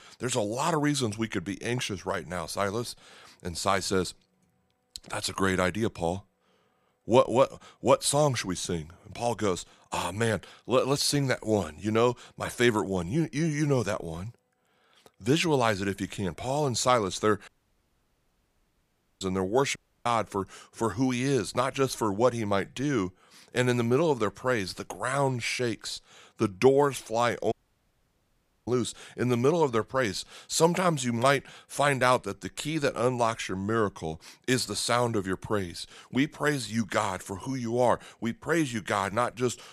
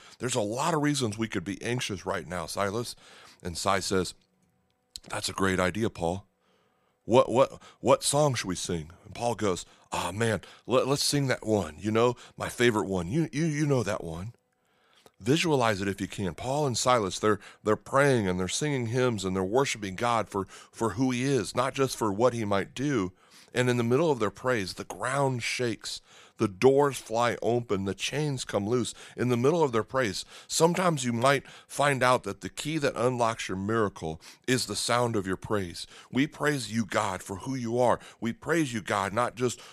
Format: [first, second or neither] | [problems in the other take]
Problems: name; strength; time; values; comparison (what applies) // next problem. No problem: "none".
second | audio cutting out; at 17 s for 1.5 s, at 20 s and at 28 s for 1 s